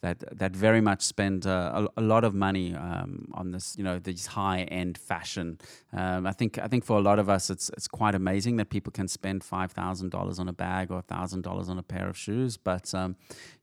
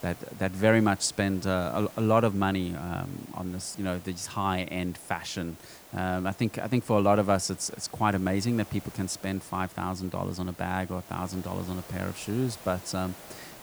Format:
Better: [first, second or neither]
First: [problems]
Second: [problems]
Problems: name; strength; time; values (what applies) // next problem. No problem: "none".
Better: first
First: none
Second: hiss; noticeable; throughout; 20 dB below the speech